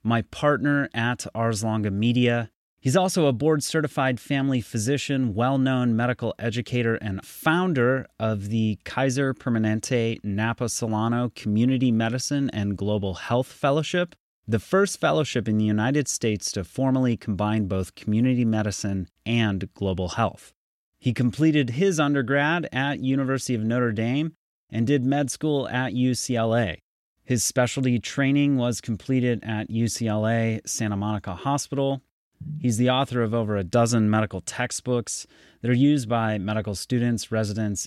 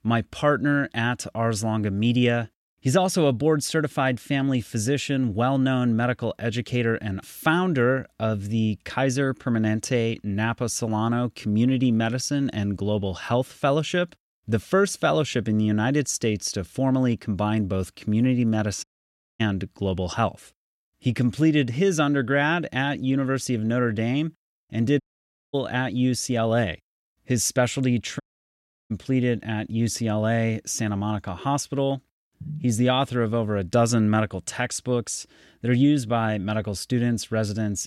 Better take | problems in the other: first | audio cutting out; at 19 s for 0.5 s, at 25 s for 0.5 s and at 28 s for 0.5 s

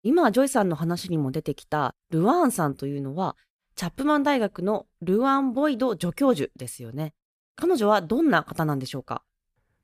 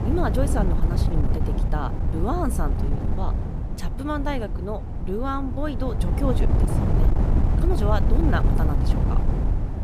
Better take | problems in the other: first | wind noise on the microphone; heavy; 4 dB below the speech

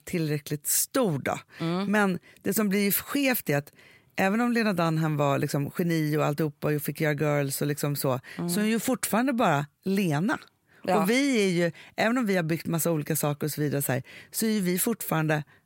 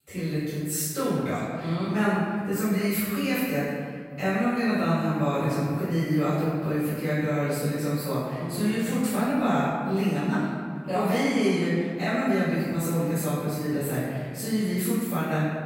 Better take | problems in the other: first | off-mic speech; far // room echo; strong; dies away in 1.8 s

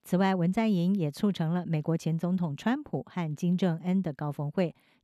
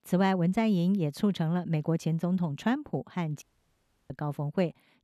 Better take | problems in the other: first | audio cutting out; at 3.5 s for 0.5 s

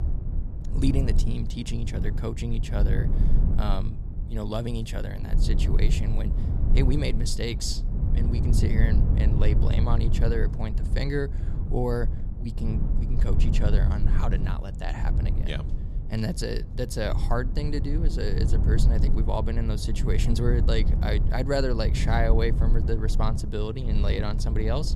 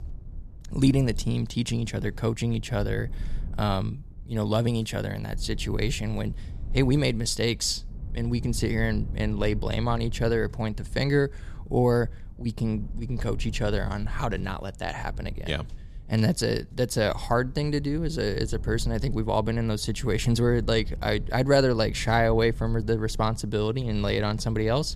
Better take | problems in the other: second | low rumble; loud; throughout; 8 dB below the speech; faint in the second

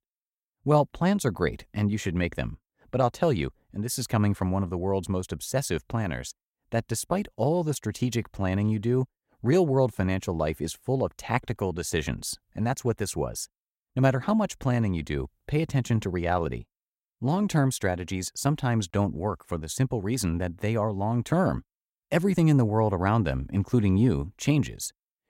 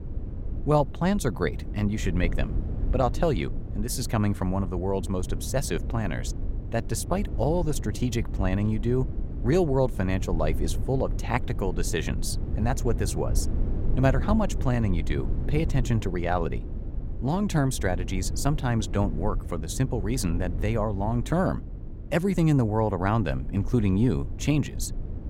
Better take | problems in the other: first | low rumble; noticeable; throughout; 15 dB below the speech

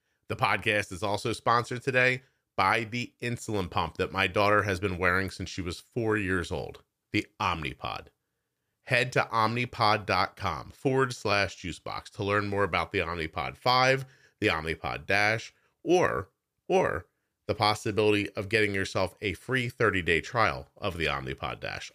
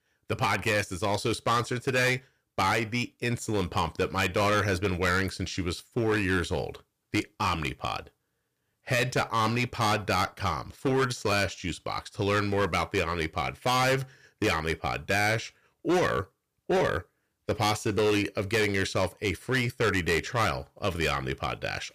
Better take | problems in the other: first | distortion; heavy; 9% of the sound clipped

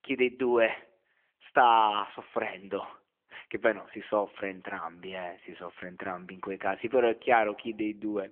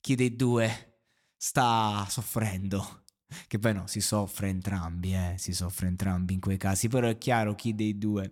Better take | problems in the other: second | phone-call audio; nothing above 3 kHz

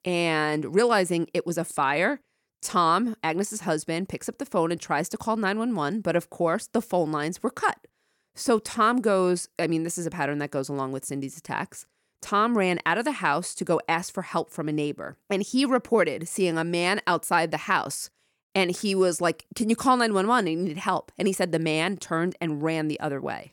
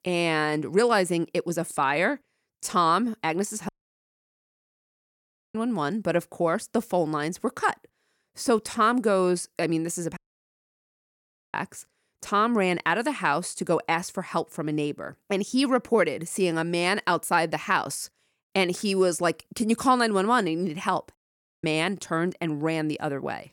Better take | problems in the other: first | audio cutting out; at 3.5 s for 2 s, at 10 s for 1.5 s and at 21 s

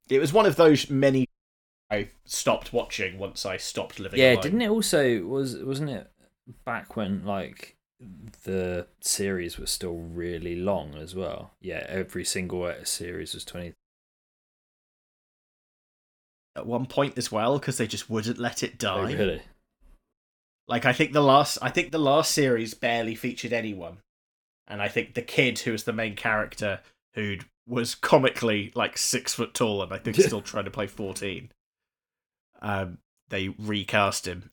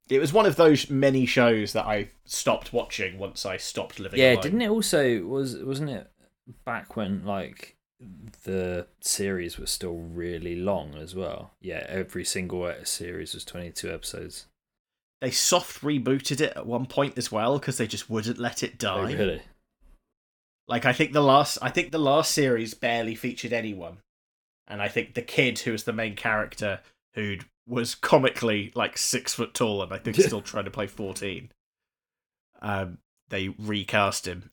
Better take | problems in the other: second | audio cutting out; at 1.5 s for 0.5 s and at 14 s for 3 s

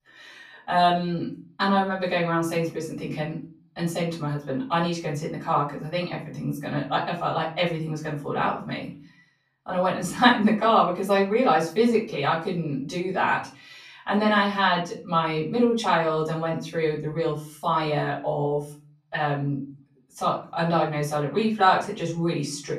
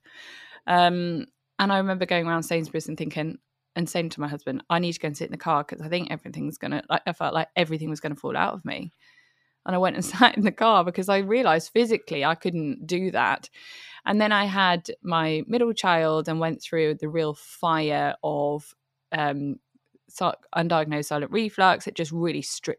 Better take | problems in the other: second | off-mic speech; far // room echo; slight; dies away in 0.4 s

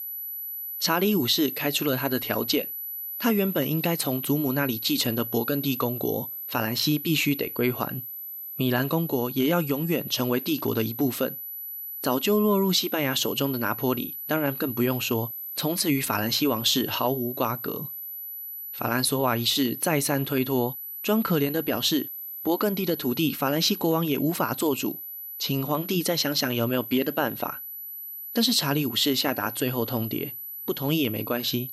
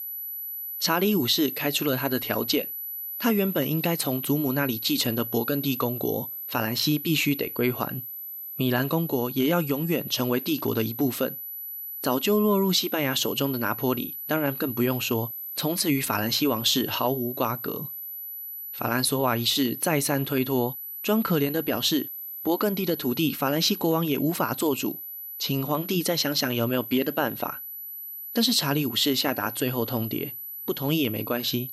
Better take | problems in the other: neither | high-pitched whine; loud; throughout; 12 kHz, 8 dB below the speech; the same in both

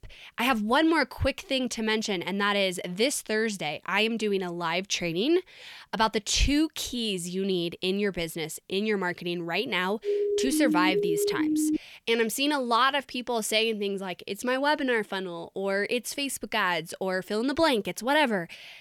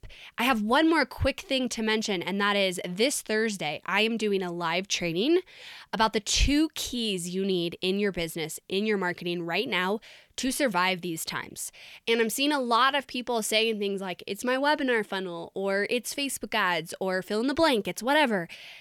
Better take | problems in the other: second | siren; loud; from 10 to 12 s; peak 1 dB above the speech

